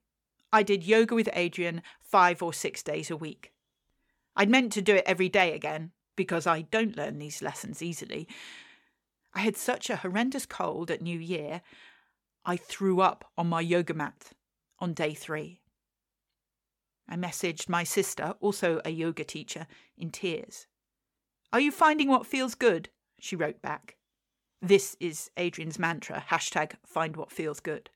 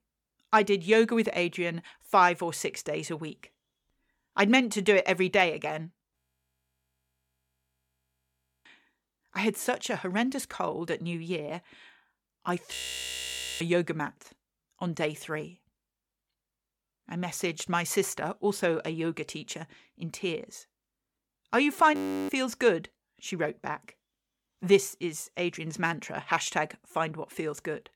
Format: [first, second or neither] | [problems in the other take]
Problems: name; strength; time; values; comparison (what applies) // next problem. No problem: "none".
first | audio freezing; at 6 s for 2.5 s, at 13 s for 1 s and at 22 s